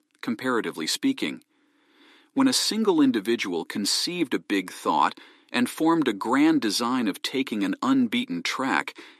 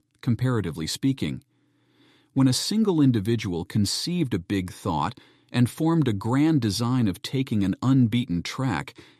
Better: second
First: thin; somewhat; fading below 250 Hz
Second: none

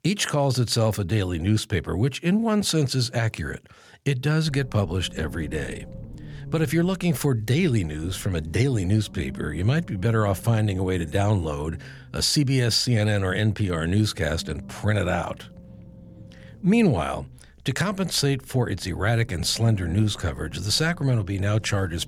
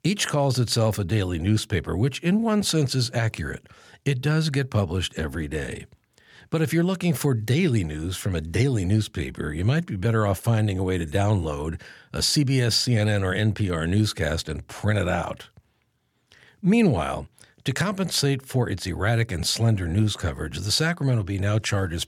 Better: second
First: low rumble; faint; from 4.5 s on; 25 dB below the speech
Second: none

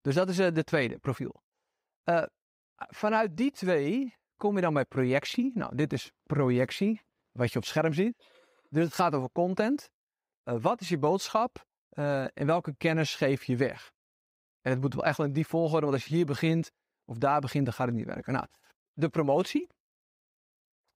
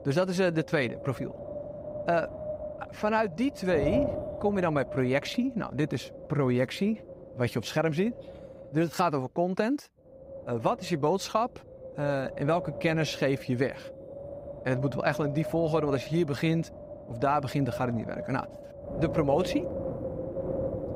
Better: first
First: none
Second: wind noise on the microphone; heavy; 8 dB below the speech

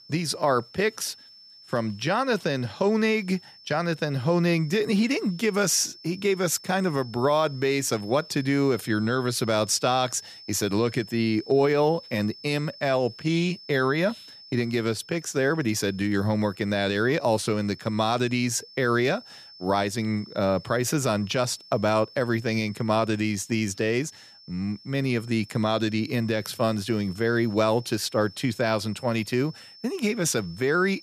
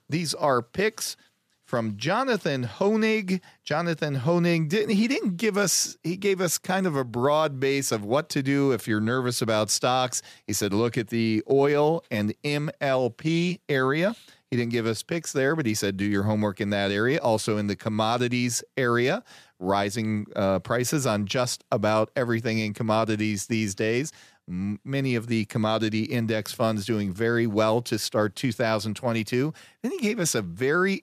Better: second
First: high-pitched whine; noticeable; throughout; 5.5 kHz, 20 dB below the speech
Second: none

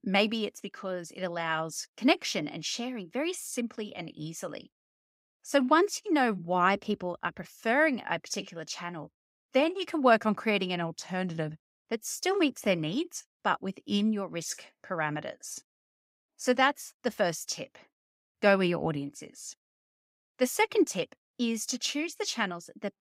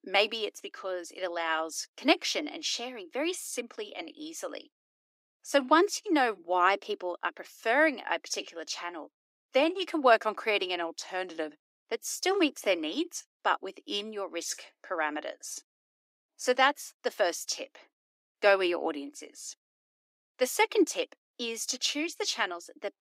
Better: first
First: none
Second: thin; somewhat; fading below 300 Hz

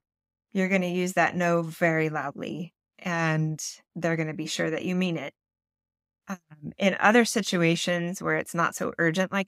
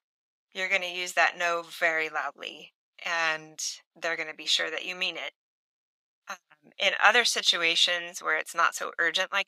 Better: first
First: none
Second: thin; very; fading below 700 Hz

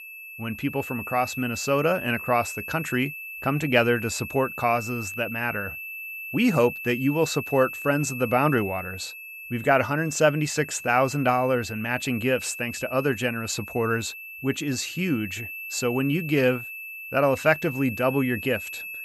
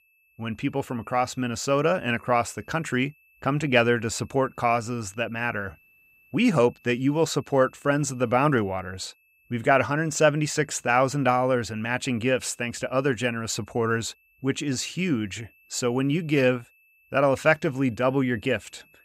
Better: second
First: high-pitched whine; loud; throughout; 2.5 kHz, 9 dB below the speech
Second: high-pitched whine; faint; throughout; 2.5 kHz, 35 dB below the speech

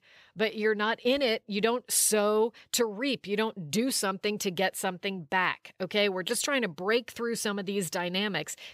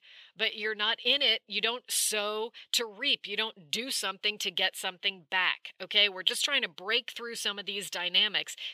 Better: first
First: none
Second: thin; somewhat; fading below 600 Hz

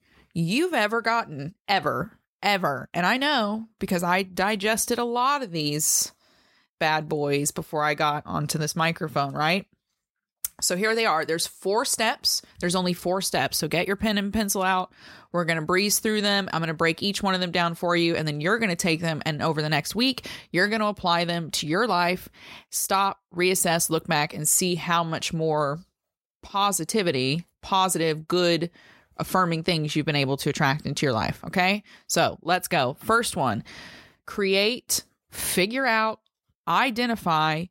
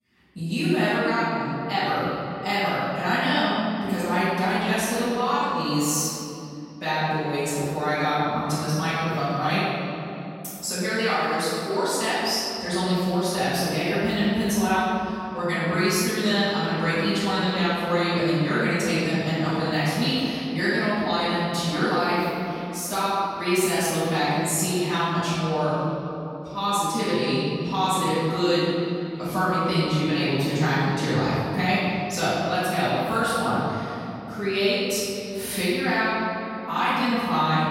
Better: first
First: none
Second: off-mic speech; far // room echo; strong; dies away in 3 s

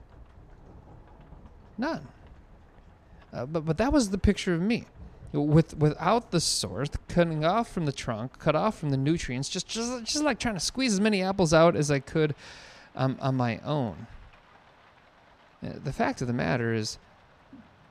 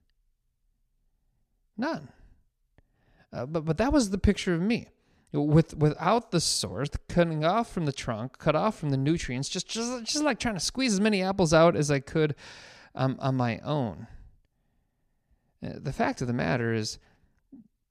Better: second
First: rain or running water; faint; throughout; 30 dB below the speech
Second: none

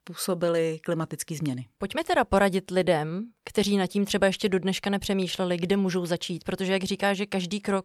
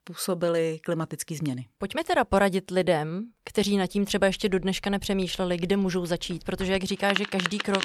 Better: first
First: none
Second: household noises; loud; from 4 s on; 5 dB below the speech

